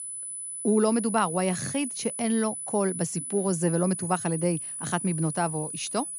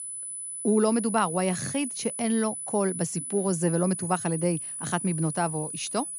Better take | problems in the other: neither | high-pitched whine; loud; throughout; 10 kHz, 5 dB below the speech; the same in both

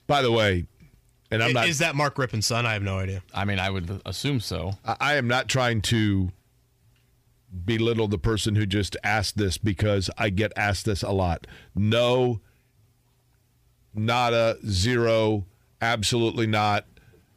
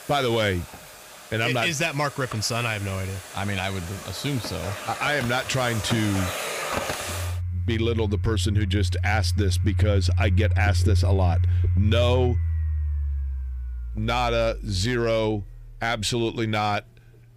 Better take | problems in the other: first | household noises; loud; throughout; 1 dB below the speech

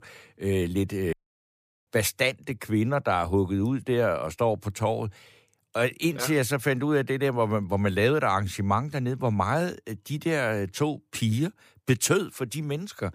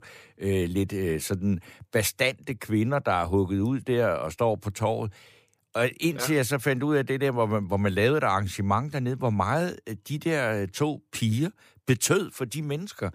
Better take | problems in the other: second | audio cutting out; at 1 s for 0.5 s

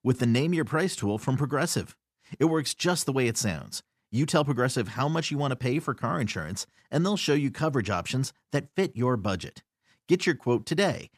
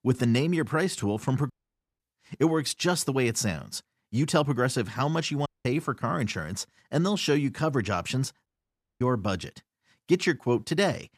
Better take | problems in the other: first | audio cutting out; at 1.5 s, at 5.5 s and at 8.5 s for 0.5 s

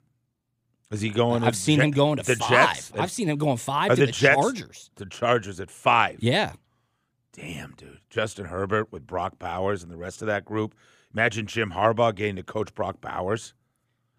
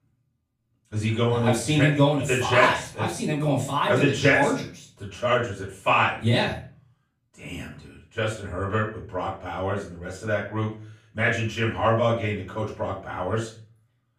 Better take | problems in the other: first | off-mic speech; far // room echo; slight; dies away in 0.4 s

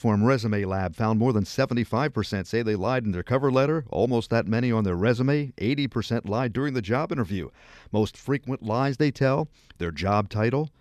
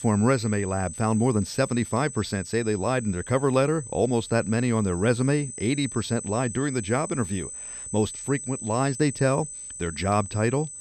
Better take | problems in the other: first | high-pitched whine; noticeable; throughout; 8 kHz, 10 dB below the speech

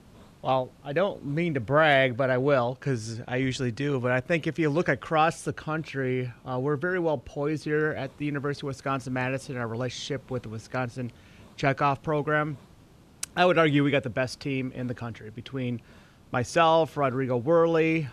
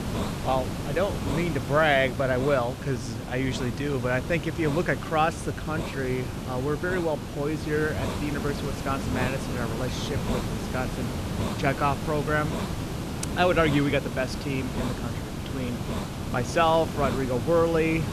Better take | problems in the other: first | hiss; loud; throughout; 5 dB below the speech; faint in the first

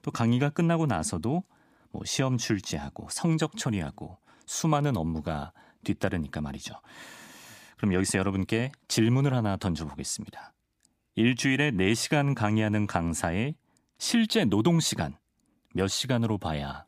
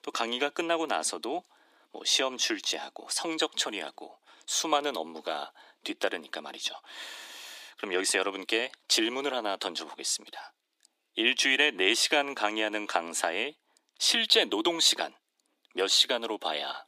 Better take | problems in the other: first | thin; very; fading below 350 Hz

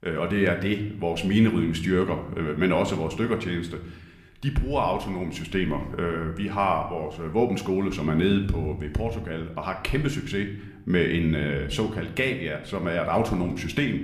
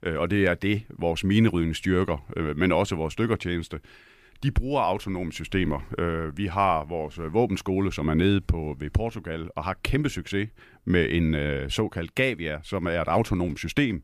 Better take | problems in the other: second | room echo; very slight; dies away in 0.6 s

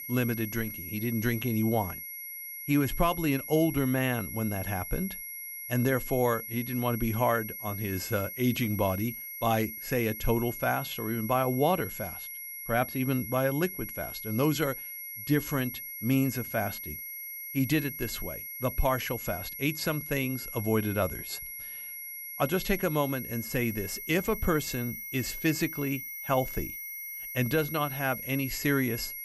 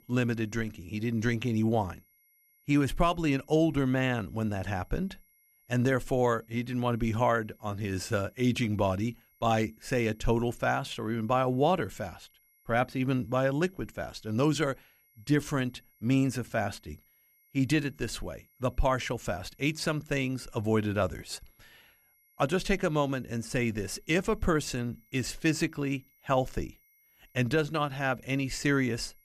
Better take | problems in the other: second | high-pitched whine; loud; throughout; 11.5 kHz, 7 dB below the speech; faint in the second

